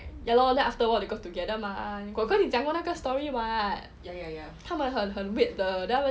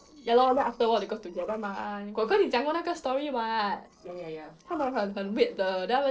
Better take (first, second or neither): first